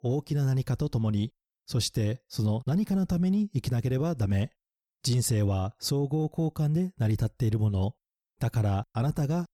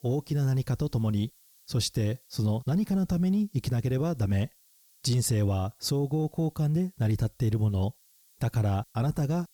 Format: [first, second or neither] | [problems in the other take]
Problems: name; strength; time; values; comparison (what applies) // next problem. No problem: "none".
first | hiss; faint; throughout; 30 dB below the speech